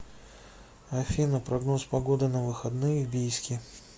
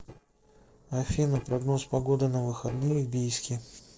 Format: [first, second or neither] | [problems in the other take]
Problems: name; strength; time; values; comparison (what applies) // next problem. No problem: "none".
first | noise reduction (neural separator model SepFormer DNS4)